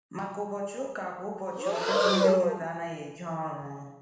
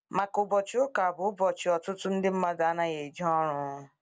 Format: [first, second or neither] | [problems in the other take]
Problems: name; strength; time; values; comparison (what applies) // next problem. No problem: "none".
second | background sound (Breathing); 4 dB above the speech // room echo; dies away in 1 s